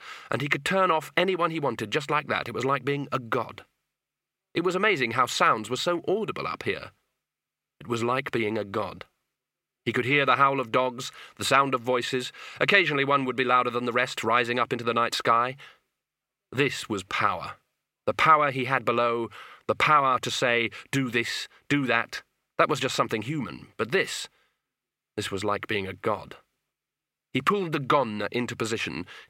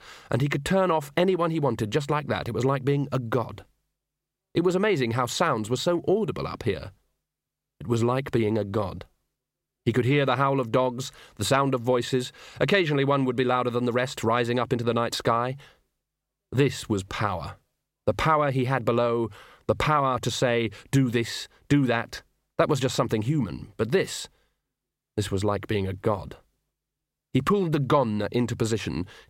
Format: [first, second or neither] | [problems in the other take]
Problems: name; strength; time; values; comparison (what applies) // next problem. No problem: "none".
second | thin; very slightly; fading below 500 Hz